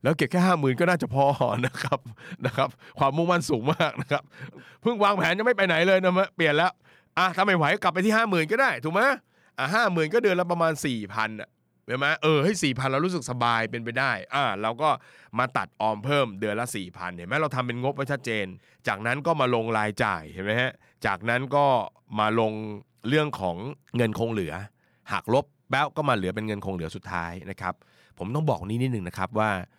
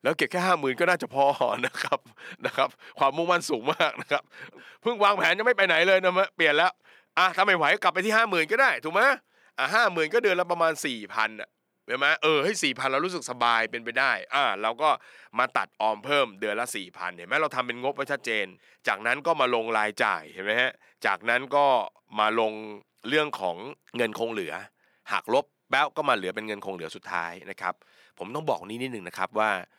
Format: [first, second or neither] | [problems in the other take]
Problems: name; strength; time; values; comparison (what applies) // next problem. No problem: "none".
first | thin; somewhat; fading below 350 Hz